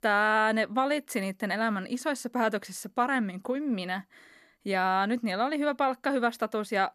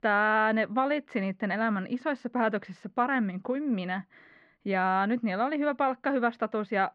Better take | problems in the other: first | muffled; slightly; fading above 3 kHz

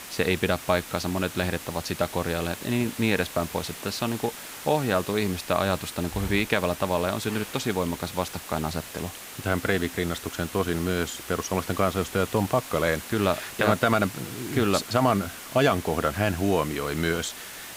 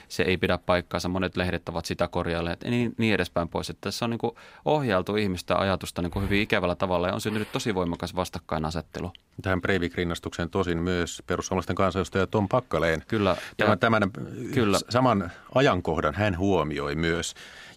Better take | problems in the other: second | hiss; noticeable; throughout; 10 dB below the speech

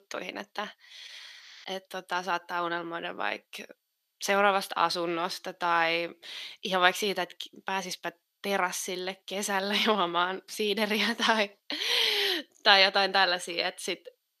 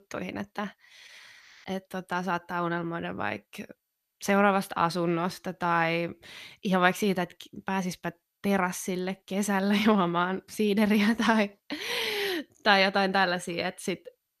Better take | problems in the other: second | thin; somewhat; fading below 350 Hz

